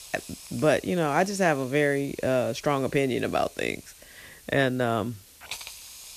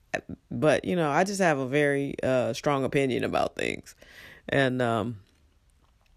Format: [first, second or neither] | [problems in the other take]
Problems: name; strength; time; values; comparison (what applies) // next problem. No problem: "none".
second | hiss; noticeable; throughout; 20 dB below the speech